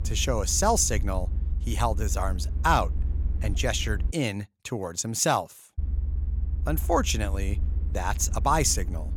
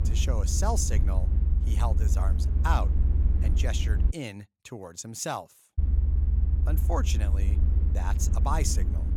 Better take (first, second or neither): first